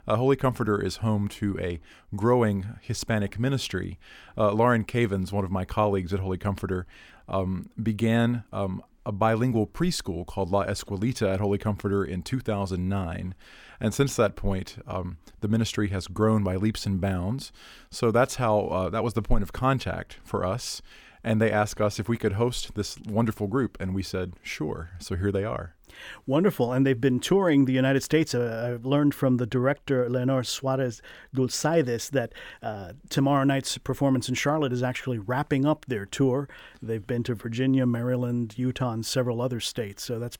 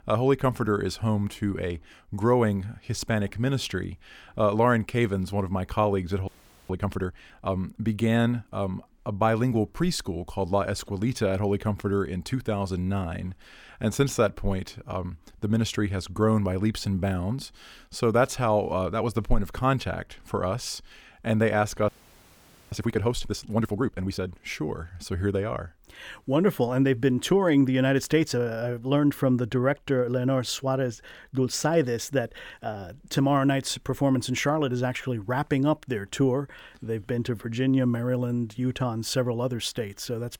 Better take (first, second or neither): first